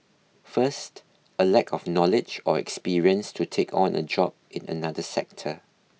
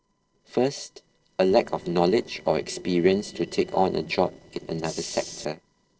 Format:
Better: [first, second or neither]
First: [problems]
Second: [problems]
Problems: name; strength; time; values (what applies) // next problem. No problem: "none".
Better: first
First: none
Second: noise reduction (neural separator model SepFormer DNS4)